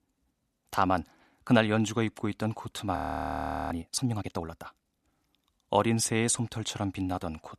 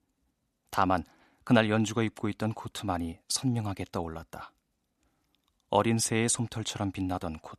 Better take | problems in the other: second | audio freezing; at 3 s for 1 s

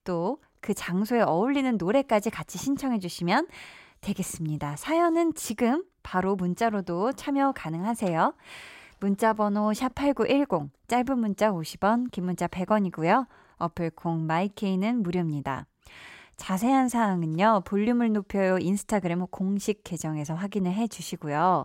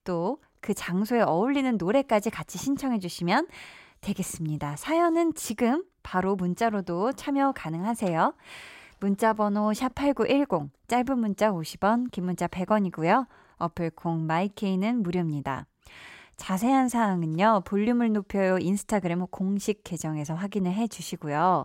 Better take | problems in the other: neither | none

